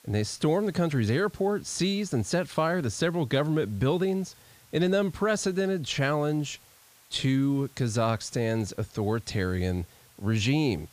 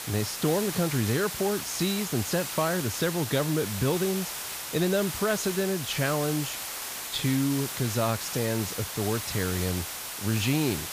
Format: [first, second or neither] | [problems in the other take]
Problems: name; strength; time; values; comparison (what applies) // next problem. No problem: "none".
first | hiss; loud; throughout; 5 dB below the speech; faint in the first